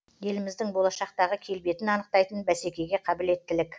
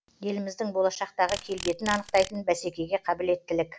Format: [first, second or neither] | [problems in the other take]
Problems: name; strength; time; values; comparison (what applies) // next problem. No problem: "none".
first | background sound (Insect); 13 dB below the speech